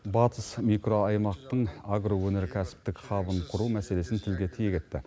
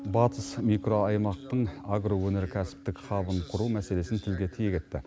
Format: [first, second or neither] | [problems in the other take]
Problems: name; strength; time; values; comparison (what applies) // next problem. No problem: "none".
first | background sound (Piano); 18 dB below the speech